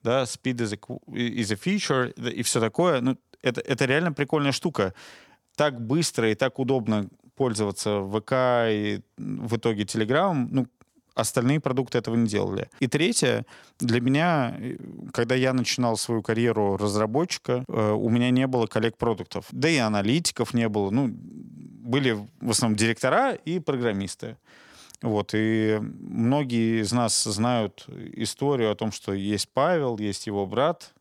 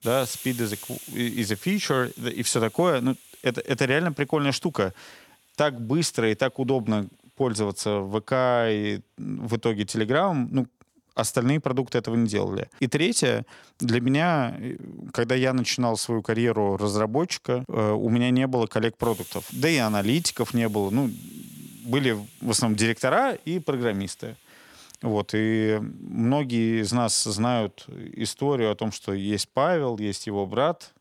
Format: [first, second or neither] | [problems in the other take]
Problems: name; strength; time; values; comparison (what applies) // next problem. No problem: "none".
first | hiss; noticeable; until 10 s and from 19 s on; 20 dB below the speech